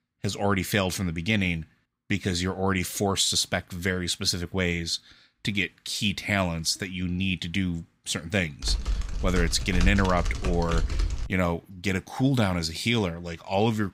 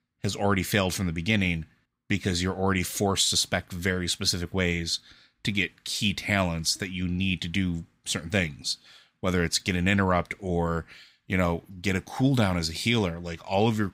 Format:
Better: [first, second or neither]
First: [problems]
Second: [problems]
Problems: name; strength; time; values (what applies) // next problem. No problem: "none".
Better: second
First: keyboard typing; noticeable; from 8.5 to 11 s; peak 2 dB below the speech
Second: none